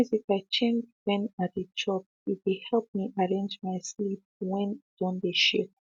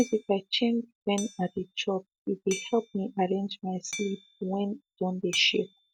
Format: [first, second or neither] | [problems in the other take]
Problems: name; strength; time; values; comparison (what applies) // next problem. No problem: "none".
first | background sound (Hammer); 15 dB below the speech